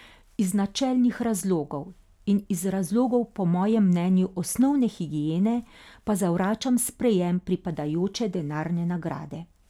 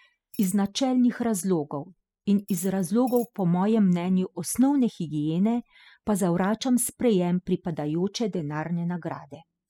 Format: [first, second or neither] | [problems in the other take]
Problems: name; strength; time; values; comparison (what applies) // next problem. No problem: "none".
first | noise reduction (classical method spectral subtraction)